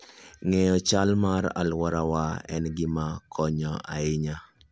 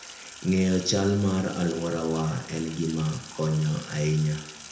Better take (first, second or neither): first